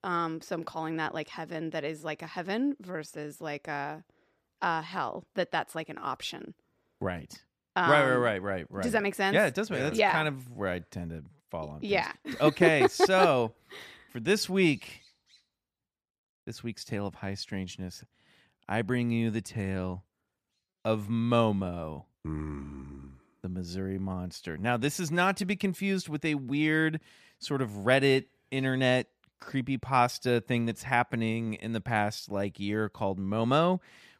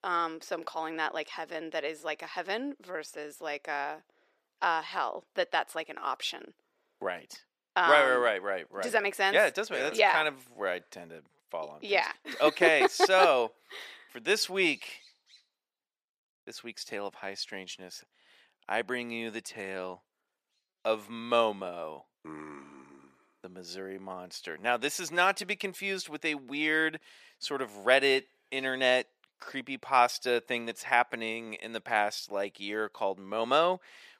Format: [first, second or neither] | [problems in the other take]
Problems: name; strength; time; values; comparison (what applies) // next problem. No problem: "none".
first | thin; somewhat; fading below 500 Hz